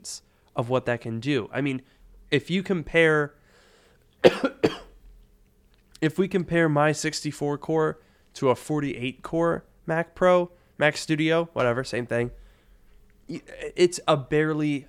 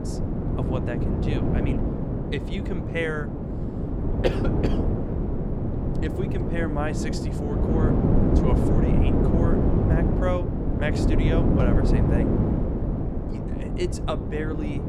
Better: first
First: none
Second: wind noise on the microphone; heavy; 1 dB above the speech

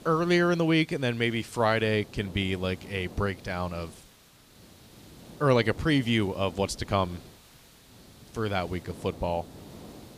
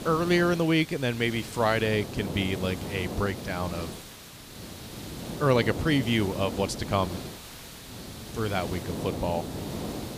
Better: first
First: hiss; faint; throughout; 20 dB below the speech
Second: hiss; loud; throughout; 9 dB below the speech

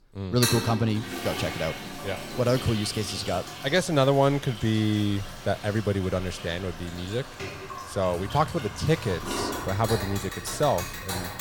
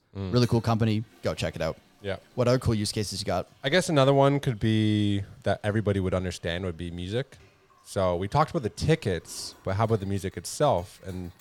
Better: second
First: household noises; loud; throughout; 7 dB below the speech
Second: household noises; faint; throughout; 30 dB below the speech

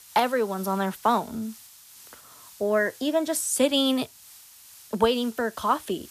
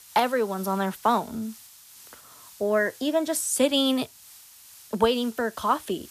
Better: neither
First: hiss; faint; throughout; 20 dB below the speech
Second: hiss; faint; throughout; 20 dB below the speech

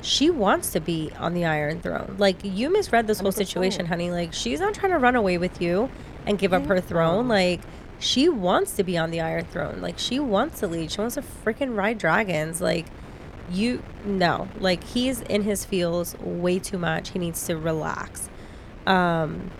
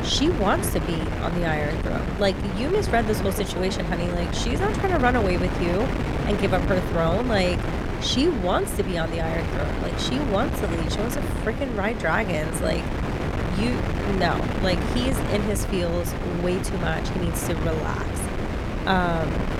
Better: first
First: wind noise on the microphone; occasional gusts; 20 dB below the speech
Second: wind noise on the microphone; heavy; 4 dB below the speech

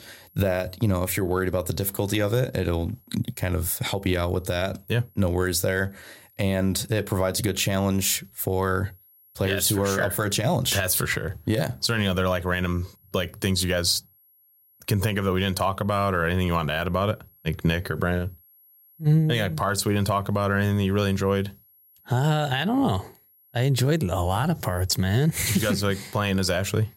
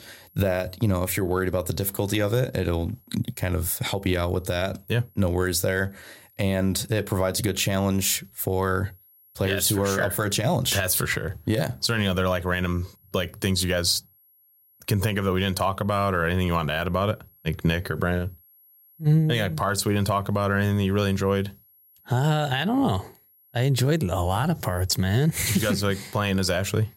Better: neither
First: high-pitched whine; faint; throughout; 11.5 kHz, 30 dB below the speech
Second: high-pitched whine; faint; throughout; 11.5 kHz, 30 dB below the speech

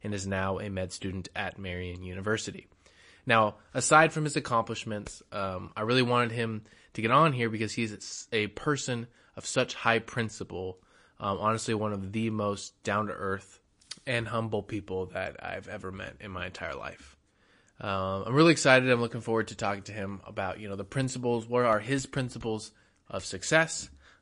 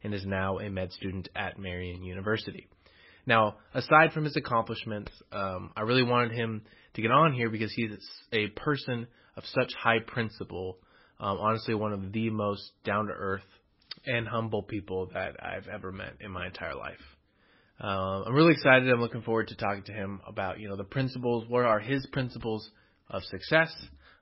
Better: first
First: garbled, watery; slightly; nothing above 10 kHz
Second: garbled, watery; badly; nothing above 5.5 kHz

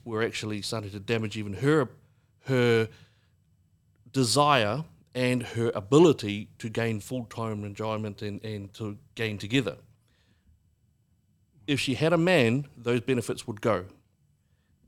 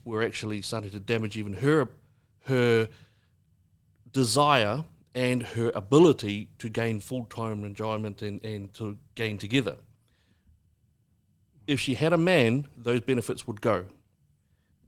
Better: first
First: none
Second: garbled, watery; slightly; nothing above 18.5 kHz

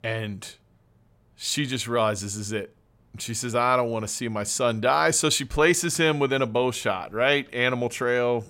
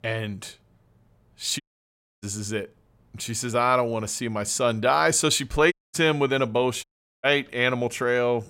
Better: first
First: none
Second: audio cutting out; at 1.5 s for 0.5 s, at 5.5 s and at 7 s

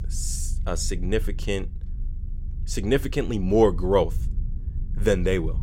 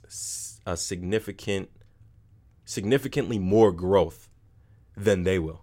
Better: second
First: low rumble; faint; throughout; 25 dB below the speech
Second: none

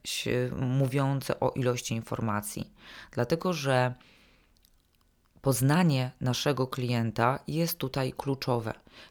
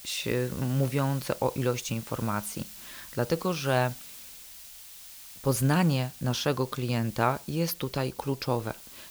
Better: first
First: none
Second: hiss; noticeable; throughout; 15 dB below the speech

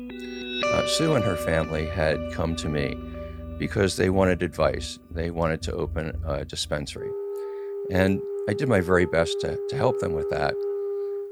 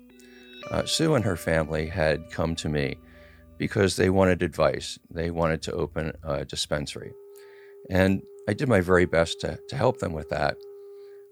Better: second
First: background music; loud; throughout; 6 dB below the speech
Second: background music; faint; throughout; 20 dB below the speech

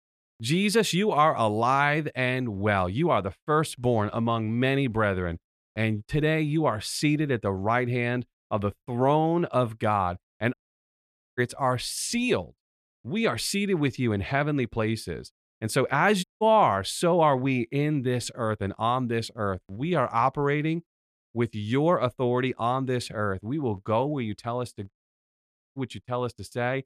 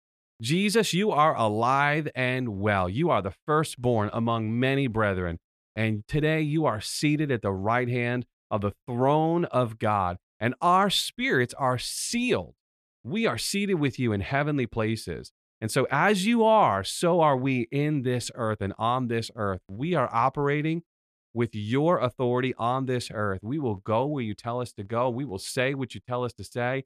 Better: second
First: audio cutting out; at 11 s for 1 s, at 16 s and at 25 s for 1 s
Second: none

